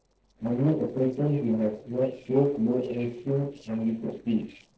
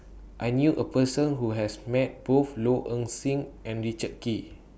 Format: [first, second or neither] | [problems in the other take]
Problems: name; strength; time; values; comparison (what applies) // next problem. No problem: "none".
second | noise reduction (neural separator model SepFormer DNS4)